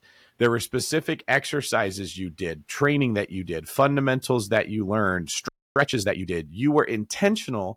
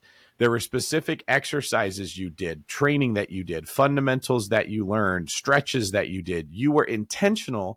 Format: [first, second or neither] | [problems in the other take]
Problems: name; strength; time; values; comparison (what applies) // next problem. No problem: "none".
second | audio freezing; at 5.5 s